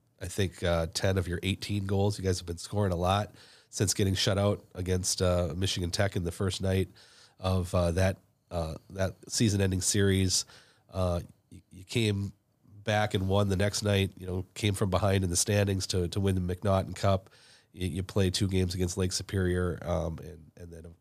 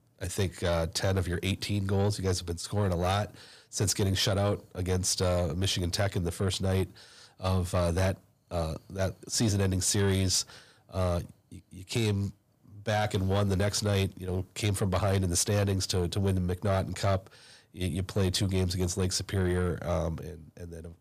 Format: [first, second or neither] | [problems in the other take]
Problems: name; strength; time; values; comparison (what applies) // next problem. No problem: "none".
first | distortion; slight; 10 dB below the speech